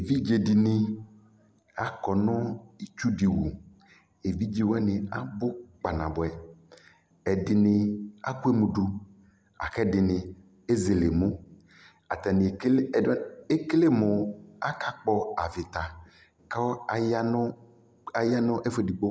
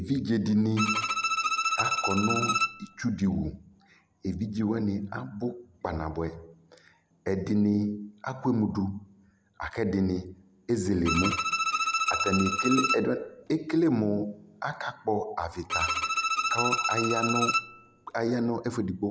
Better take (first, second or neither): first